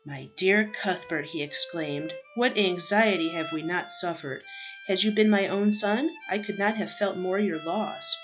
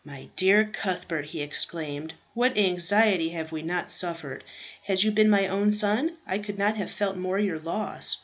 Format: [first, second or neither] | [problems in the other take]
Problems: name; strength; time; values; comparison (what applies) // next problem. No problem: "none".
second | noise reduction (classical method log-MMSE)